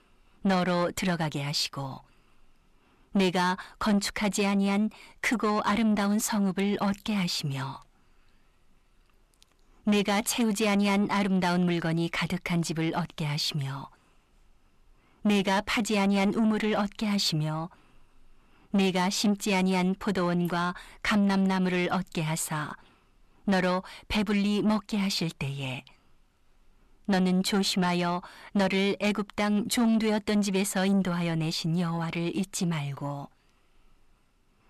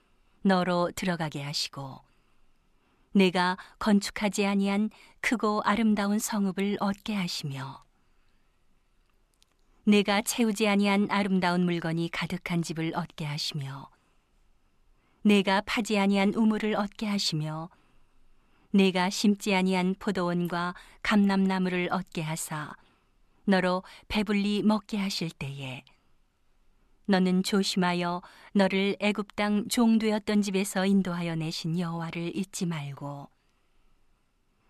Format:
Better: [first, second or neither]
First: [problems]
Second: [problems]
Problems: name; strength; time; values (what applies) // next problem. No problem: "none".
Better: second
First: distortion; slight; 10 dB below the speech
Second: none